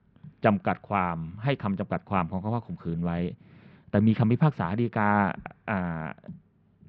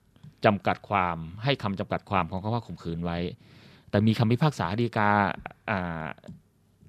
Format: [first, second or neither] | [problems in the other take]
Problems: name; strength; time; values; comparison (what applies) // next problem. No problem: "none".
second | muffled; slightly; fading above 2.5 kHz